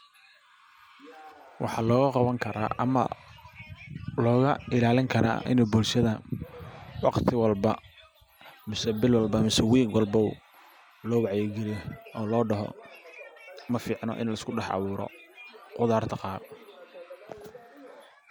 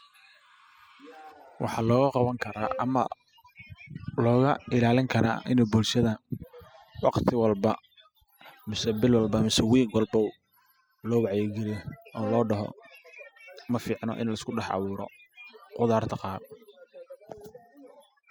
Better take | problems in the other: first | noise reduction (classical method spectral subtraction)

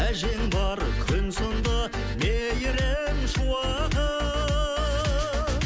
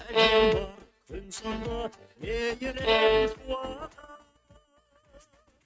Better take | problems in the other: first | noise reduction (neural mask model RNNoise)

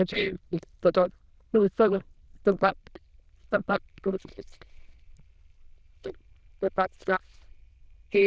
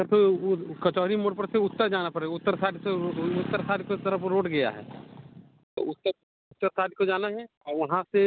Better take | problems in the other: second | noise reduction (neural diffusion model UNIVERSE++)

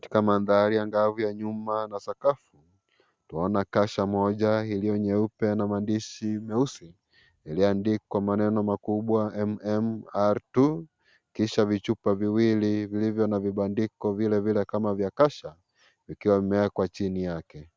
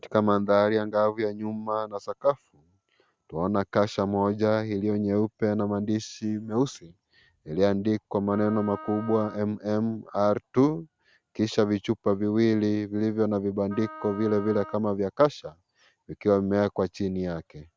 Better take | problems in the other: first | background sound (Wind instrument, woodwind instrument); 17 dB below the speech

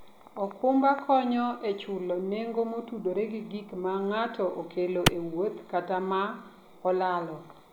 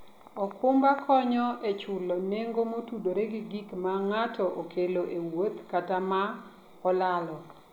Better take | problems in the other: second | background sound (Clapping); 3 dB above the speech

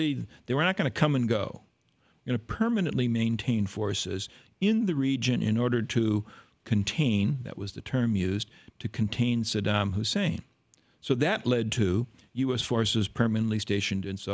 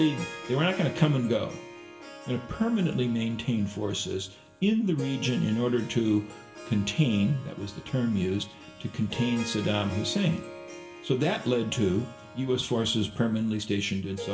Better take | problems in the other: first | background sound (Harp); 15 dB below the speech // room echo; dies away in 0.7 s

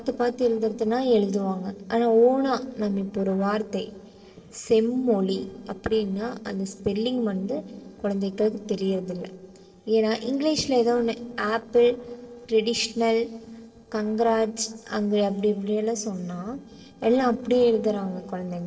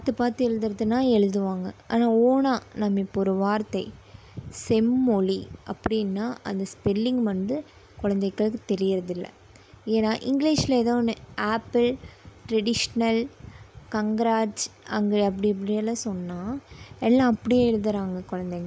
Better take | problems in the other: second | noise reduction (neural separator model SepFormer DNS4)

